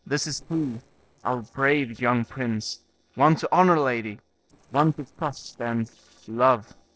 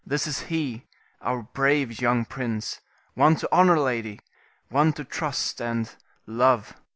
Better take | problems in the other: second | noise reduction (neural separator model SepFormer DNS4)

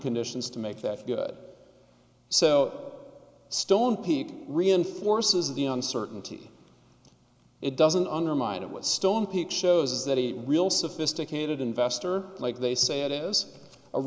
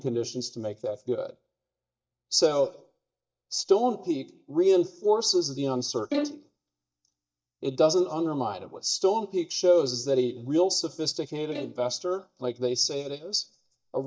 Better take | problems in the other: first | noise reduction (neural mask model DeepFilterNet 3)

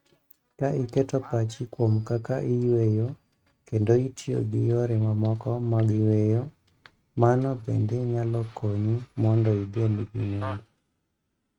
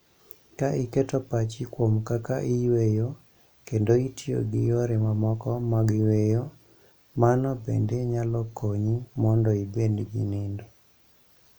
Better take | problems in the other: second | noise reduction (neural mask model RNNoise)

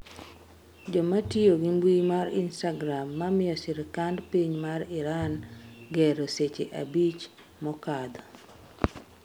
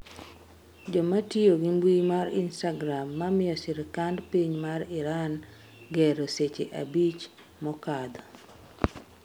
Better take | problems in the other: second | background sound (Bowed string instrument); 20 dB below the speech

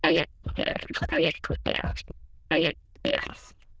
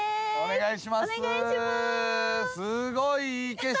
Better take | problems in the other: second | noise reduction (neural diffusion model UNIVERSE++)

